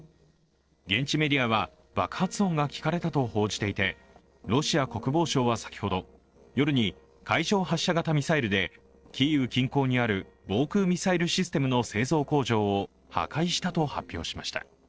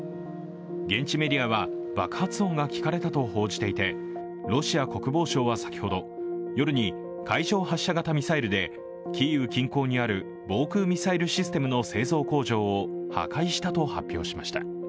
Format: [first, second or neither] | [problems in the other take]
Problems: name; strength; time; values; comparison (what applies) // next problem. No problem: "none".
second | noise reduction (neural separator model SepFormer DNS4)